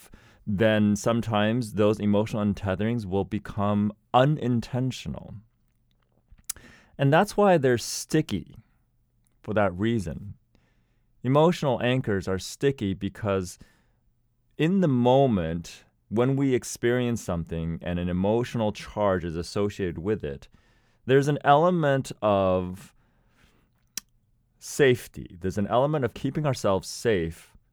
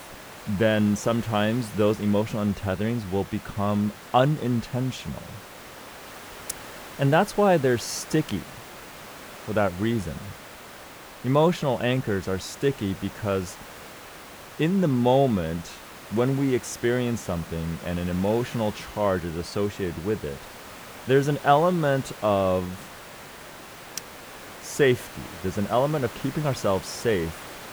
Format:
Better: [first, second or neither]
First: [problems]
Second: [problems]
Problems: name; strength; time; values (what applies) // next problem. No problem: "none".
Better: first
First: none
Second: hiss; noticeable; throughout; 15 dB below the speech